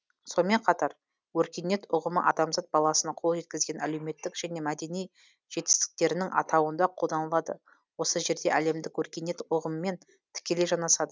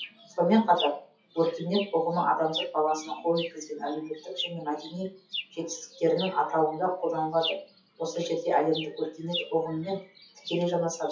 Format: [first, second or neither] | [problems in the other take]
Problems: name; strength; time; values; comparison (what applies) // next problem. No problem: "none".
first | noise reduction (classical method WPE with log-MMSE)